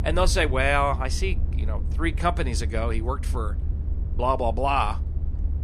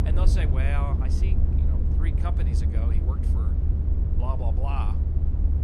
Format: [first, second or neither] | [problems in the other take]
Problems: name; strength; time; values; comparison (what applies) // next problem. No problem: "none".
first | low rumble; loud; throughout; 3 dB below the speech; faint in the first